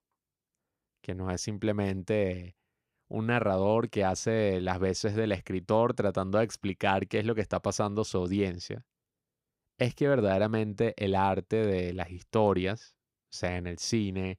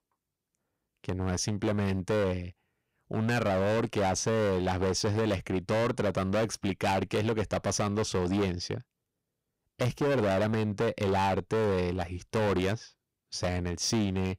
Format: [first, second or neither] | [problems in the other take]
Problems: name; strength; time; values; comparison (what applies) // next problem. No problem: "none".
first | distortion; heavy; 18% of the sound clipped